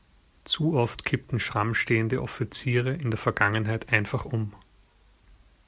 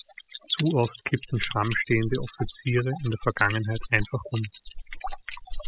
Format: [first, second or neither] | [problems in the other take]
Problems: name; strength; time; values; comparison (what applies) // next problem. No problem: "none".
first | noise reduction (classical method spectral subtraction)